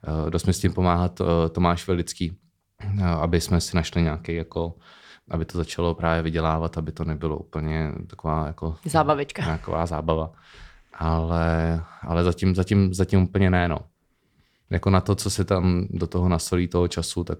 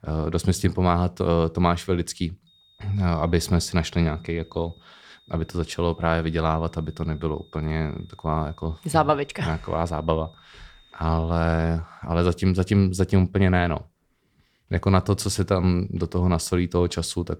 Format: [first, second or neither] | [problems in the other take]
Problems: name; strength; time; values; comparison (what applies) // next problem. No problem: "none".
first | high-pitched whine; faint; from 2.5 to 12 s; 3.5 kHz, 30 dB below the speech